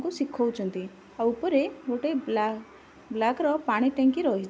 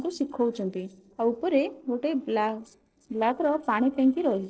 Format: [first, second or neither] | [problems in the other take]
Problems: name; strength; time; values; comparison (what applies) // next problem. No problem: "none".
first | noise reduction (neural separator model SepFormer DNS4)